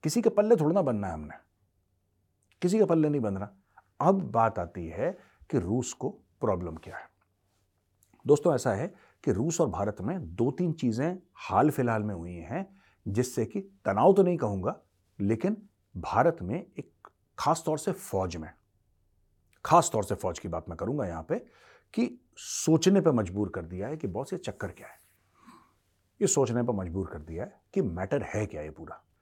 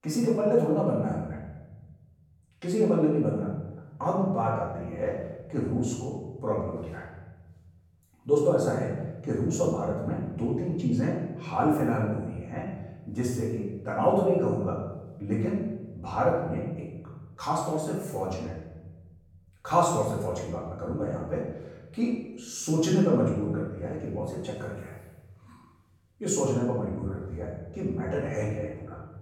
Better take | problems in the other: first | room echo; noticeable; dies away in 1.1 s // off-mic speech; far

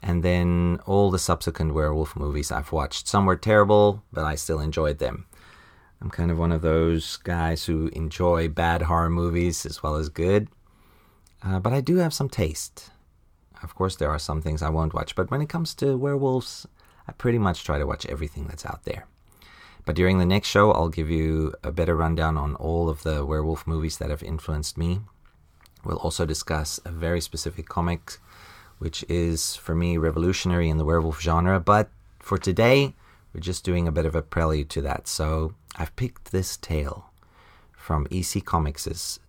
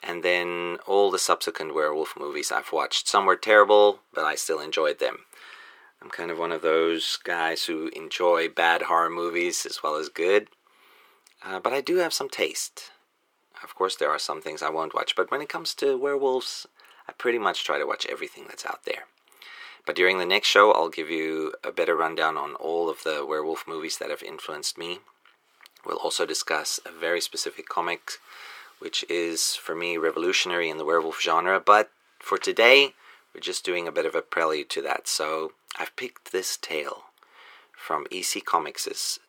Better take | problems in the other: first | thin; very; fading below 350 Hz

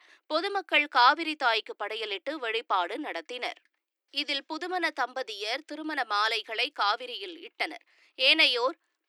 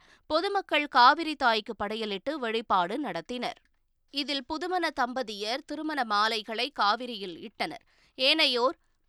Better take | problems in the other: second | thin; very slightly; fading below 300 Hz

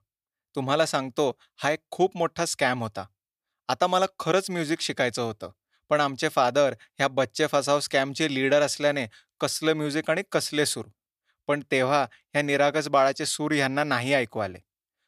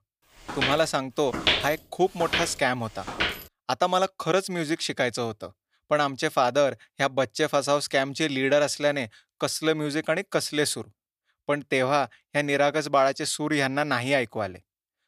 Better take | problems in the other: first | footsteps; loud; until 3.5 s; peak 3 dB above the speech

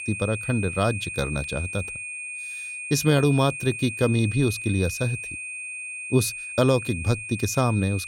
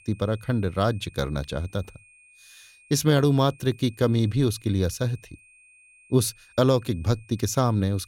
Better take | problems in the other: second | high-pitched whine; loud; throughout; 2.5 kHz, 7 dB below the speech; faint in the second

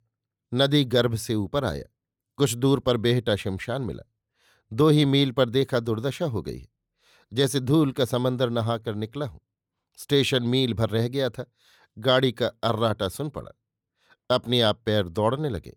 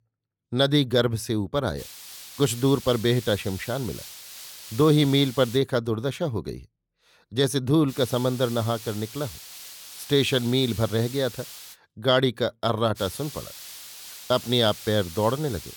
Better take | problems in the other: first | hiss; noticeable; from 2 to 5.5 s, from 8 to 12 s and from 13 s on; 15 dB below the speech

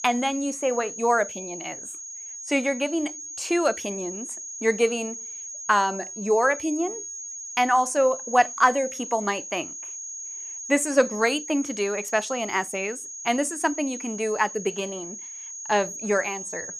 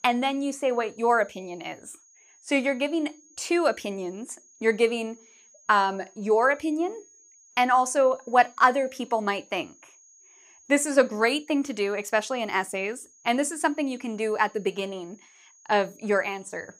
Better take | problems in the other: second | high-pitched whine; loud; throughout; 6.5 kHz, 9 dB below the speech; faint in the second

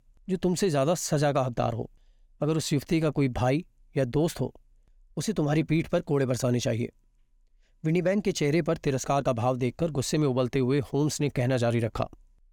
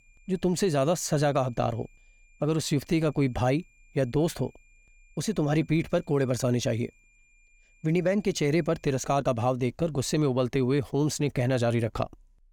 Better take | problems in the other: first | high-pitched whine; faint; until 9 s; 2.5 kHz, 35 dB below the speech

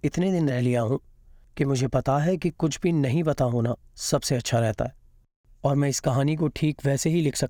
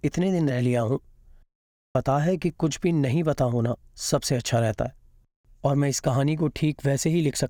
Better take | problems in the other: first | audio cutting out; at 1.5 s for 0.5 s

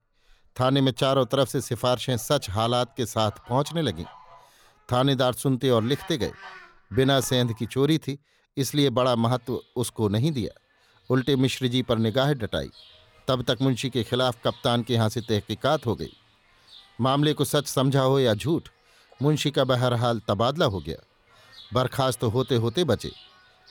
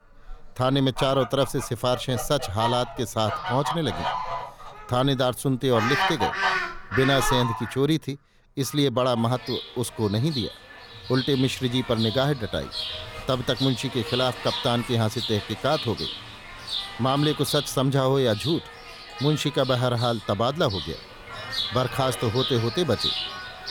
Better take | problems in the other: first | animal sounds; loud; throughout; 6 dB below the speech; faint in the first

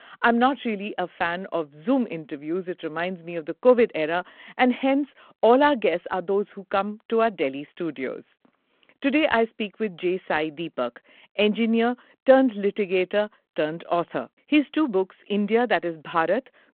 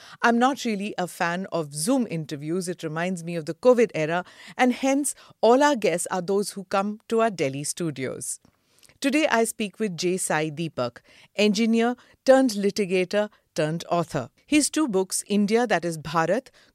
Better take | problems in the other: second | phone-call audio

